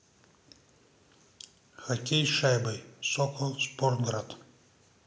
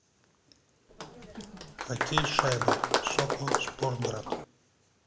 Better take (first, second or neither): first